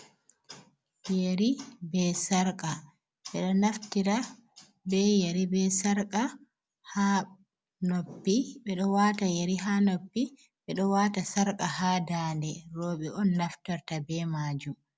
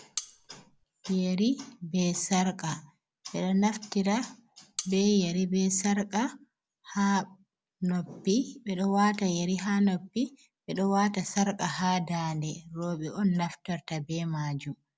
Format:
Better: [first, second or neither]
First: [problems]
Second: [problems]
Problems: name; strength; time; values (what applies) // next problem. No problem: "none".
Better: first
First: none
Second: background sound (Cutlery, silverware); 13 dB below the speech